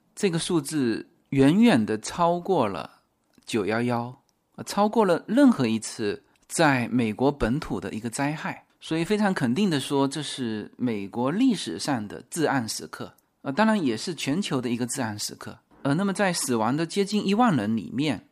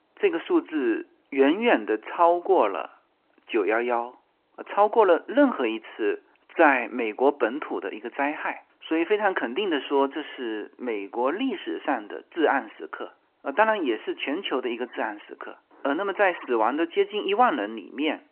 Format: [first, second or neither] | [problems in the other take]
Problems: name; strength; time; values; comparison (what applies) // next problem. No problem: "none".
first | phone-call audio